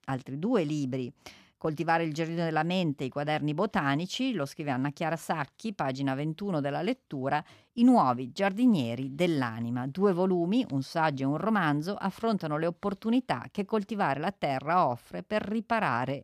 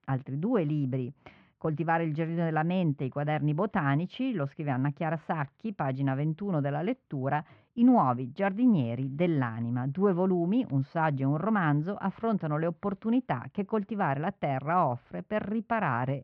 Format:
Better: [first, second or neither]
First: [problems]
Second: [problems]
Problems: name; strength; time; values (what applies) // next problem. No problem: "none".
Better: first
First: none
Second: muffled; very; fading above 2.5 kHz